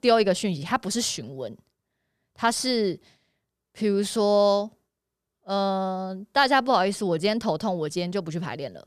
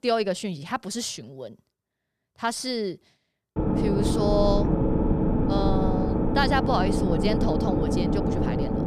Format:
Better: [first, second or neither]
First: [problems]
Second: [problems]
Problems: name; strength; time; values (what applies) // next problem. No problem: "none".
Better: first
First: none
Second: low rumble; loud; from 3.5 s on; 1 dB below the speech